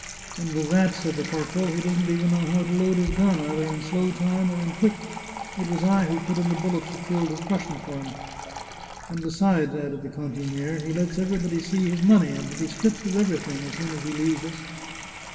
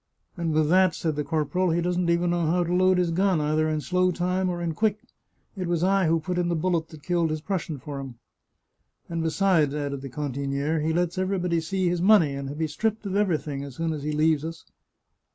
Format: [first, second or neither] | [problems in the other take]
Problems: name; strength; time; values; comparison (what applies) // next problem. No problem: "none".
second | background sound (Sink (filling or washing) / Water tap, faucet); 13 dB below the speech // room echo; dies away in 2.1 s